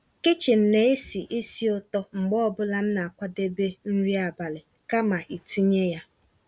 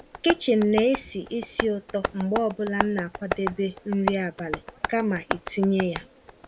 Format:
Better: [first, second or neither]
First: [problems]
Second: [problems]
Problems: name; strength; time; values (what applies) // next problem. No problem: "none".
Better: first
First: none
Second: background sound (Tap); 7 dB below the speech